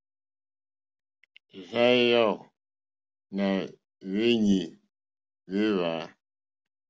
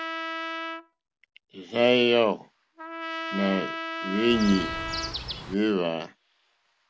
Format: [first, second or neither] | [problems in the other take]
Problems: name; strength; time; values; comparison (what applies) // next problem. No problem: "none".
first | background sound (Trumpet + Chirp, tweet); 8 dB below the speech